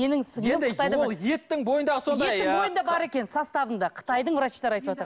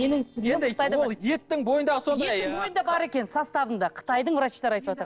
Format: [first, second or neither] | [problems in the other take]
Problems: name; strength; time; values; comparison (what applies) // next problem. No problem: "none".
first | noise reduction (neural separator model SepFormer DNS4)